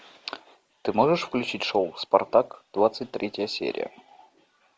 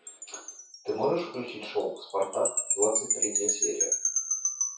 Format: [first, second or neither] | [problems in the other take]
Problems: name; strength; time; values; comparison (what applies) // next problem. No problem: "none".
first | noise reduction (classical method WPE with log-MMSE)